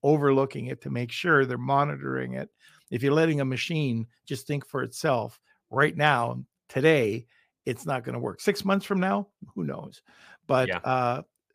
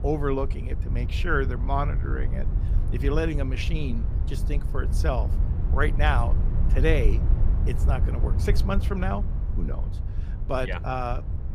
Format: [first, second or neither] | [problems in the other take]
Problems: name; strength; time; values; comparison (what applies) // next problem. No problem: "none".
first | wind noise on the microphone; occasional gusts; 10 dB below the speech